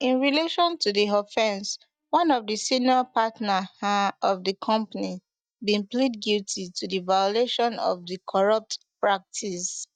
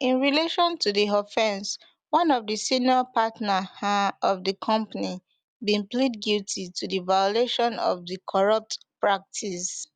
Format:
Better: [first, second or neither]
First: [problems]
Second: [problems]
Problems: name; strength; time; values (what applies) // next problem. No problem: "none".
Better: second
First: noise reduction (neural mask model DeepFilterNet 3)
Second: none